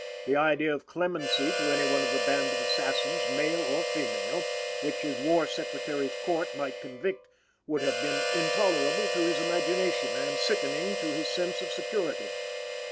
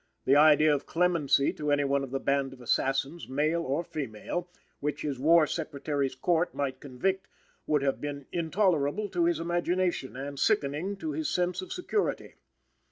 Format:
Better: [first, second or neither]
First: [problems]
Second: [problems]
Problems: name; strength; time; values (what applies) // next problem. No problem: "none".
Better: second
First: background sound (Harmonica); as loud as the speech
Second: none